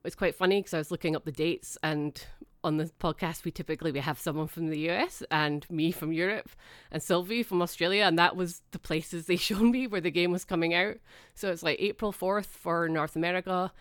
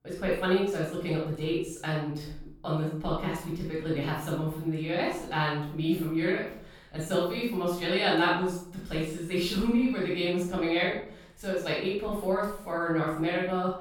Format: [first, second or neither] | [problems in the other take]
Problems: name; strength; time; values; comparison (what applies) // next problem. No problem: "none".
first | room echo; noticeable; dies away in 0.6 s // off-mic speech; far